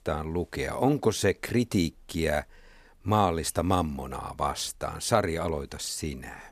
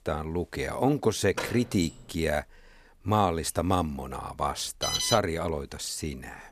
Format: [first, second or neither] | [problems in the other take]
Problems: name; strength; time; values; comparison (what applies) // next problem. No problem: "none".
first | door banging; noticeable; at 1.5 s; peak 7 dB below the speech // alarm; loud; at 5 s; peak 2 dB above the speech